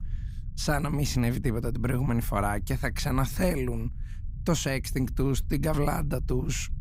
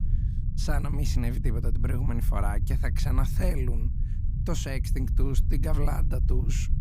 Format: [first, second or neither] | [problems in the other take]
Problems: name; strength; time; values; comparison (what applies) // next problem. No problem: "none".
first | low rumble; loud; throughout; 8 dB below the speech; faint in the first